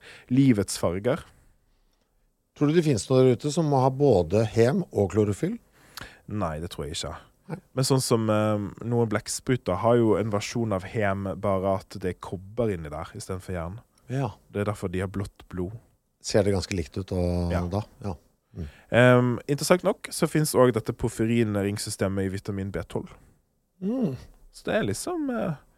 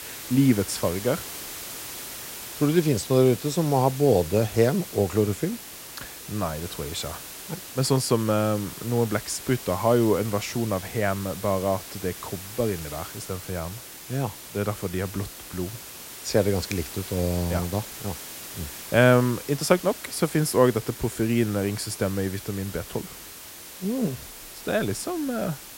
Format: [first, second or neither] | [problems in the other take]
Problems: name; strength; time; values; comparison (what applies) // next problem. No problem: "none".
first | hiss; noticeable; throughout; 10 dB below the speech